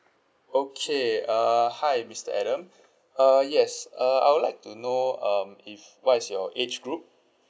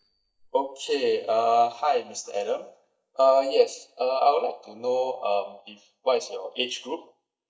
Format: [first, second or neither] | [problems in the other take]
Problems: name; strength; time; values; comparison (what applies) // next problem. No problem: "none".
first | noise reduction (neural mask model DeepFilterNet 3)